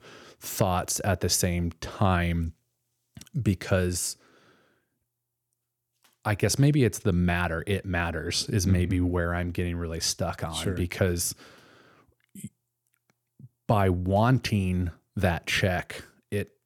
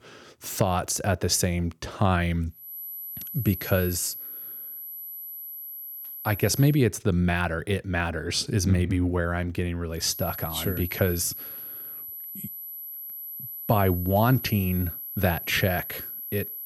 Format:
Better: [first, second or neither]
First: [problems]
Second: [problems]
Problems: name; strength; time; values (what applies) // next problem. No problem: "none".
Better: first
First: none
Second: high-pitched whine; loud; from 2.5 to 6.5 s and from 10 s on; 12 kHz, 9 dB below the speech